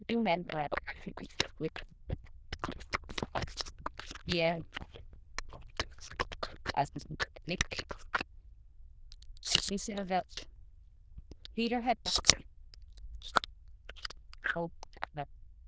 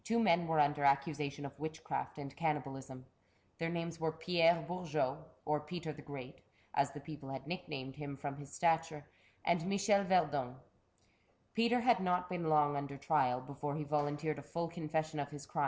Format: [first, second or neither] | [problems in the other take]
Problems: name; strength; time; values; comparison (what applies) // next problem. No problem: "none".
second | noise reduction (neural diffusion model UNIVERSE++)